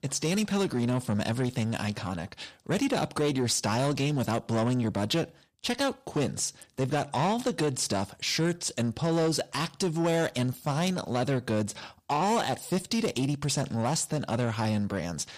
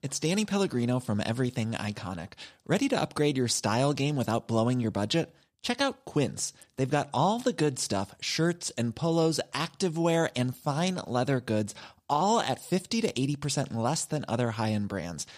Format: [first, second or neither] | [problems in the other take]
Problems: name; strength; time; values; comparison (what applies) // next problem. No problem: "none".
second | distortion; slight; 10 dB below the speech